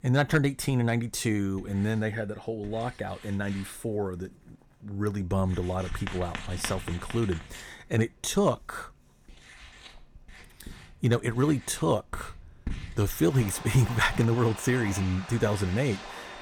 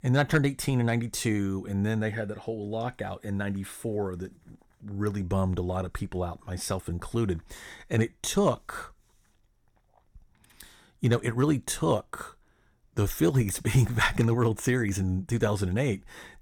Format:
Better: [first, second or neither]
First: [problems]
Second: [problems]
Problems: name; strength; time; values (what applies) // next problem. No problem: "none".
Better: second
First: household noises; noticeable; throughout; 15 dB below the speech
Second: none